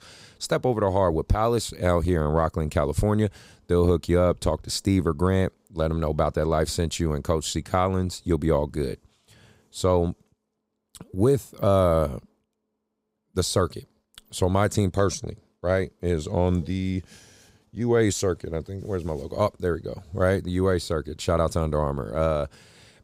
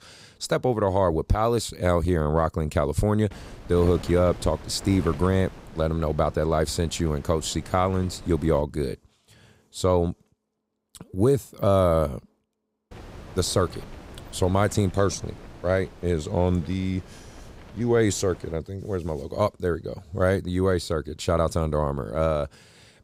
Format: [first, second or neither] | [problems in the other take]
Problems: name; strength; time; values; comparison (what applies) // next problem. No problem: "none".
first | wind noise on the microphone; occasional gusts; from 3.5 to 8.5 s and from 13 to 19 s; 20 dB below the speech